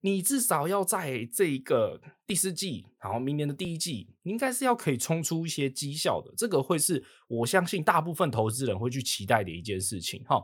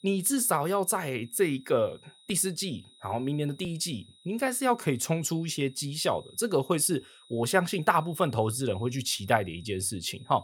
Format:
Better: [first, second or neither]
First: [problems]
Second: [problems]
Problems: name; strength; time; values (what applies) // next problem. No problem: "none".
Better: first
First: none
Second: high-pitched whine; faint; throughout; 4 kHz, 25 dB below the speech